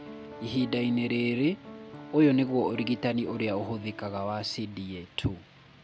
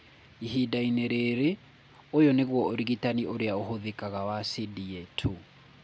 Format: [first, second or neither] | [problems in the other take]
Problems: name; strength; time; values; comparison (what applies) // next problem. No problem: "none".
second | background sound (Piano); 16 dB below the speech